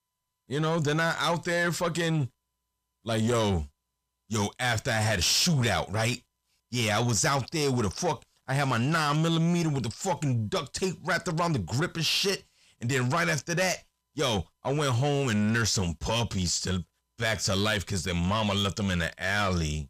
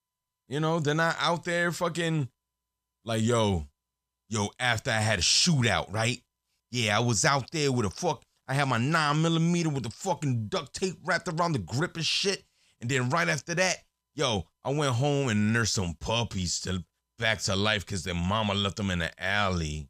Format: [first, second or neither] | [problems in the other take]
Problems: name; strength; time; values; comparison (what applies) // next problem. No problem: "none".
second | distortion; slight; 10 dB below the speech